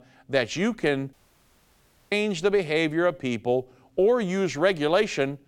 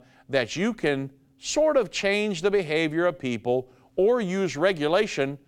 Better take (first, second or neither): second